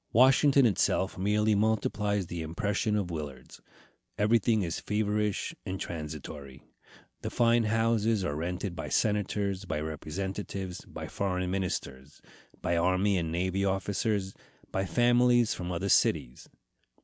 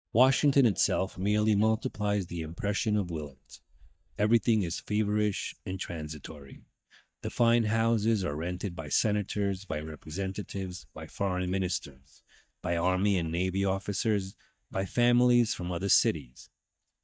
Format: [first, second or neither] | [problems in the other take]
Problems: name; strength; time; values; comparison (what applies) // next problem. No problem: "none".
first | noise reduction (neural mask model DeepFilterNet 3)